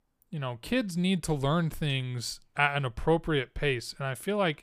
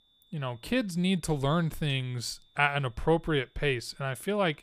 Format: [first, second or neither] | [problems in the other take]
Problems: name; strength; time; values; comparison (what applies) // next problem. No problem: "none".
first | high-pitched whine; faint; throughout; 3.5 kHz, 35 dB below the speech